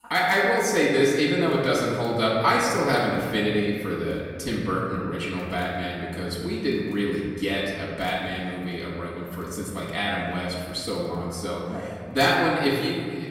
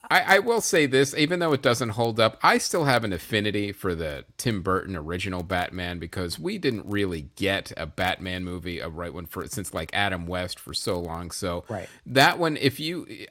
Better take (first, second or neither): second